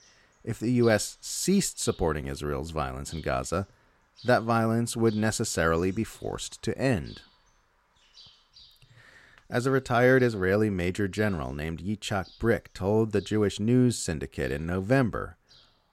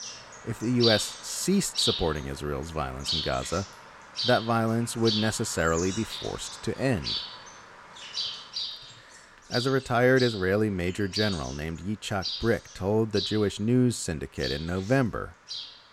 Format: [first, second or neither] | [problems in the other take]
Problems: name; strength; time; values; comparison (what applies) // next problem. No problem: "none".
first | animal sounds; loud; throughout; 5 dB below the speech; faint in the first